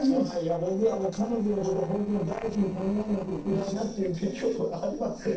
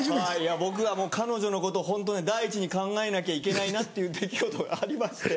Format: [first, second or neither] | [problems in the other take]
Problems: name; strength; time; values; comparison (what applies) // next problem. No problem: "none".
second | noise reduction (neural separator model SepFormer DNS4)